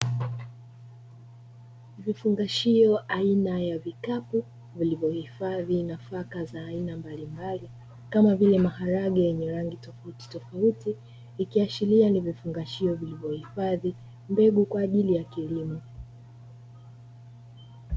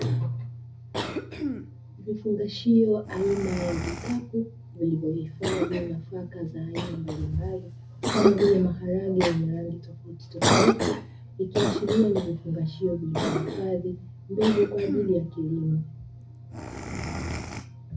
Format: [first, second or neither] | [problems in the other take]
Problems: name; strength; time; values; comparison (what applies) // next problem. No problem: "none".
first | background sound (Cough); 4 dB below the speech // room echo; dies away in 0.4 s